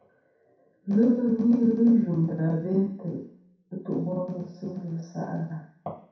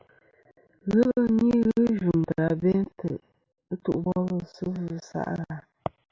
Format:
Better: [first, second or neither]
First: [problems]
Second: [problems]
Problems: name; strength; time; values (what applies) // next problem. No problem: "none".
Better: second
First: room echo; dies away in 0.6 s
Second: none